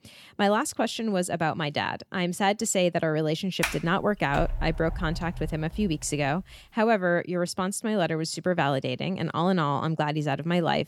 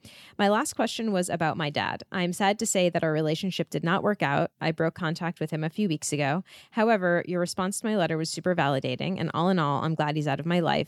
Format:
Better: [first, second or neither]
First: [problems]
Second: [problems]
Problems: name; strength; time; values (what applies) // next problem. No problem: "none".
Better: second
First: door banging; noticeable; from 3.5 to 6 s; peak 3 dB below the speech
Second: none